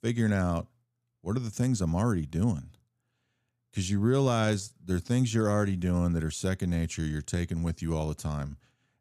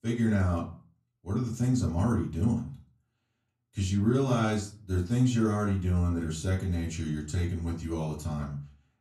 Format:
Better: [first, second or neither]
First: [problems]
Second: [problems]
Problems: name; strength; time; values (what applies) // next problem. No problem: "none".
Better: first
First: none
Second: off-mic speech; far // room echo; very slight; dies away in 0.3 s